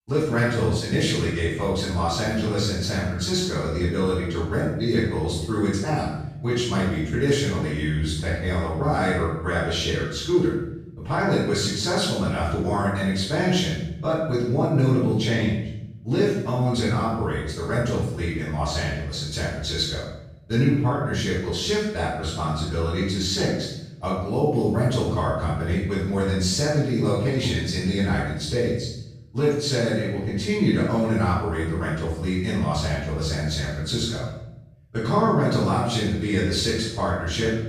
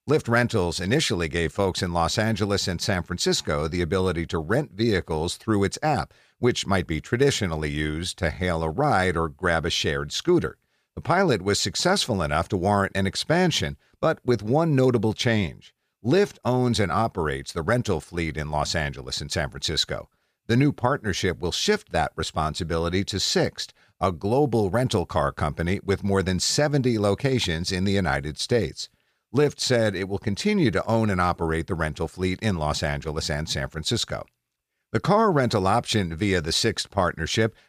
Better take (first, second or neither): second